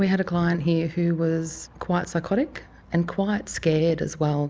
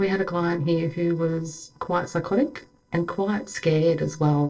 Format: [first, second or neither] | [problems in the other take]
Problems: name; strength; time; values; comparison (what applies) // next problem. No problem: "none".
first | noise reduction (neural separator model SepFormer DNS4)